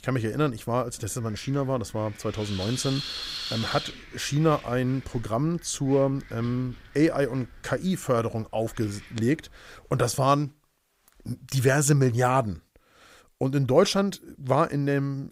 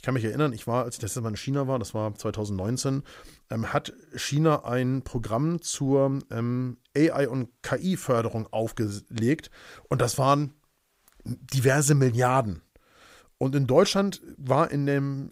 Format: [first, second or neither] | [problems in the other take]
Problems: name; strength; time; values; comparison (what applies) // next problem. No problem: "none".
second | wind noise on the microphone; heavy; until 10 s; 9 dB below the speech